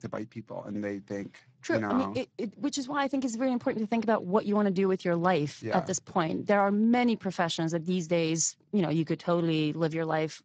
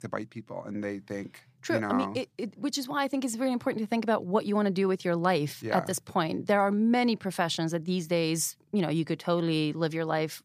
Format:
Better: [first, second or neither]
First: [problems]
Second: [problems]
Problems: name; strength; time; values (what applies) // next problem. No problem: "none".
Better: second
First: garbled, watery; badly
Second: none